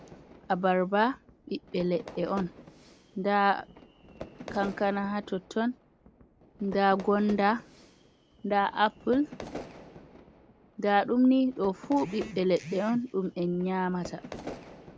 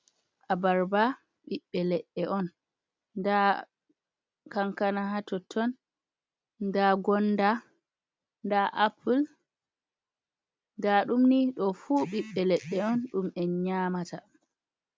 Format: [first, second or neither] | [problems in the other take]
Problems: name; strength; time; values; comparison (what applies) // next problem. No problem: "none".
second | background sound (Fire / Fireworks); 17 dB below the speech